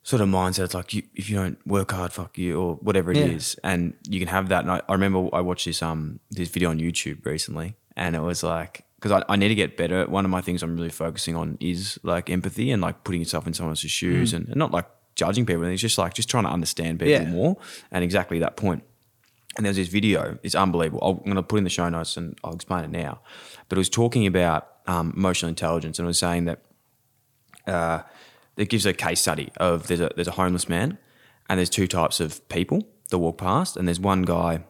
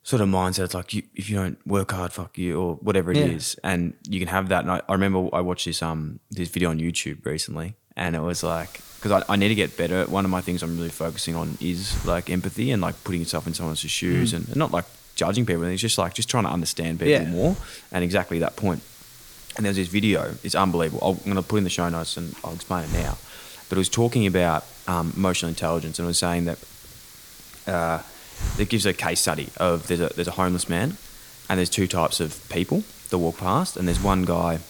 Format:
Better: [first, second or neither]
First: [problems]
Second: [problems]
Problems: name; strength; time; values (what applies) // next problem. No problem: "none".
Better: first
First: none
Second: hiss; noticeable; from 8.5 s on; 15 dB below the speech